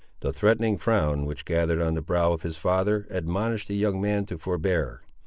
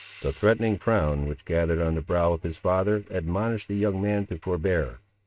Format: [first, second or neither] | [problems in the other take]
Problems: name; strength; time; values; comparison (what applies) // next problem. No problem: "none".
first | noise reduction (neural mask model RNNoise)